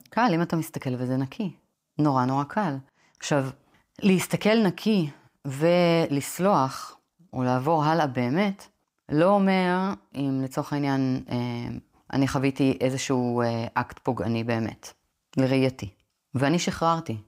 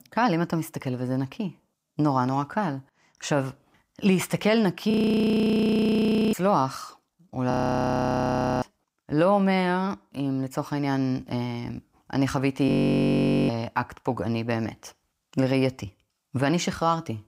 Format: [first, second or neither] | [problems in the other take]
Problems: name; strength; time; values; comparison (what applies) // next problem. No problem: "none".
first | audio freezing; at 5 s for 1.5 s, at 7.5 s for 1 s and at 13 s for 1 s